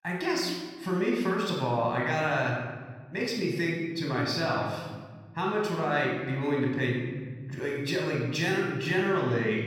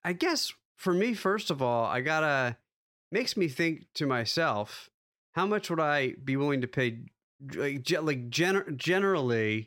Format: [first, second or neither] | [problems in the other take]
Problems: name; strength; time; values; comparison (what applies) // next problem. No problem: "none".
second | off-mic speech; somewhat distant // room echo; noticeable; dies away in 1.5 s